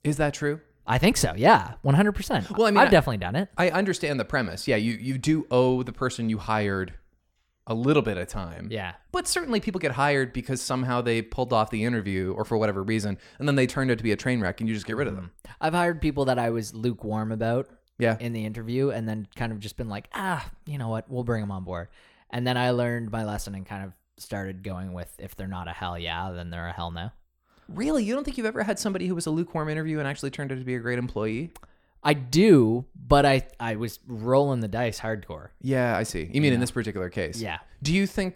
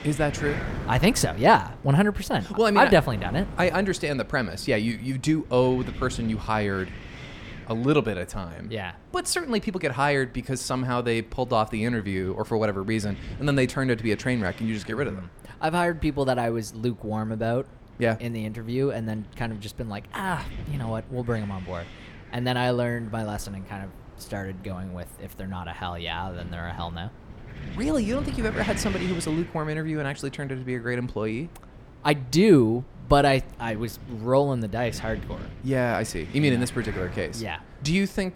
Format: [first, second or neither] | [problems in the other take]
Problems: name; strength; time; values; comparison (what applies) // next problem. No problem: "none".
first | wind noise on the microphone; occasional gusts; 15 dB below the speech